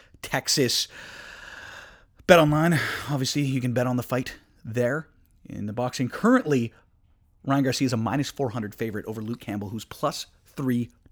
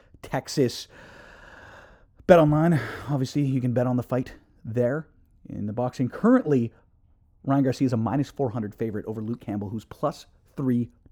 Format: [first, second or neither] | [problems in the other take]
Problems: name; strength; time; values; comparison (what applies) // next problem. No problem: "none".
first | muffled; slightly; fading above 1.5 kHz